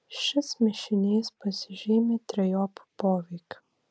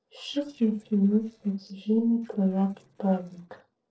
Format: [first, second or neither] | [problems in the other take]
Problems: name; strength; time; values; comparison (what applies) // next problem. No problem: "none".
first | noise reduction (neural separator model SepFormer DNS4)